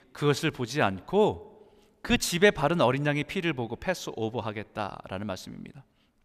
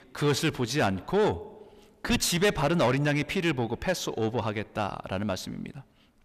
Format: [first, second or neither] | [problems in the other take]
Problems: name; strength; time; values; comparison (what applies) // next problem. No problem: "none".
first | distortion; heavy; 8 dB below the speech